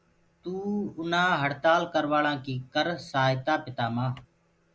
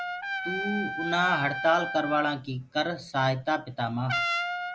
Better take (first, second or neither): first